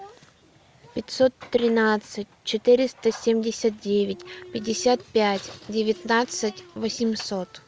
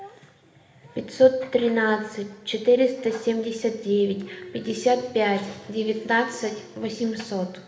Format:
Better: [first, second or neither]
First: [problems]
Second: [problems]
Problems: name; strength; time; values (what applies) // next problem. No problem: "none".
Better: first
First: none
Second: room echo; dies away in 0.8 s